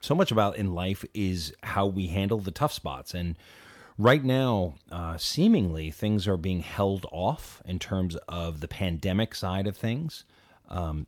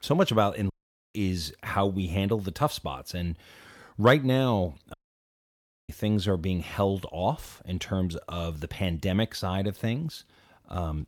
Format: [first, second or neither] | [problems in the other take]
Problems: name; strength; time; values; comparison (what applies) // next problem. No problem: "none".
first | audio cutting out; at 0.5 s and at 5 s for 1 s